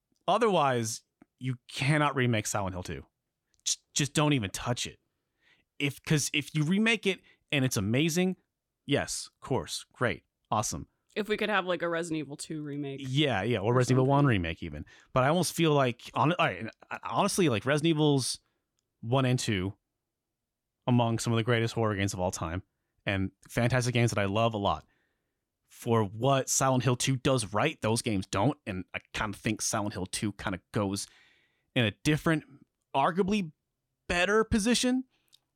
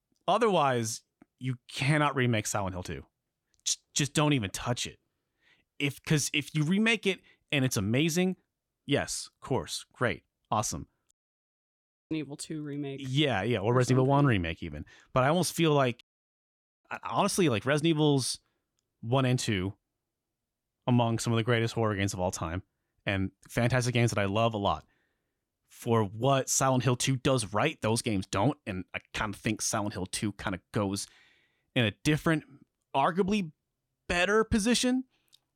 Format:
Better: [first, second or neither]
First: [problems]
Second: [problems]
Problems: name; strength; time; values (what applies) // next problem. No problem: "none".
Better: first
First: none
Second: audio cutting out; at 11 s for 1 s and at 16 s for 1 s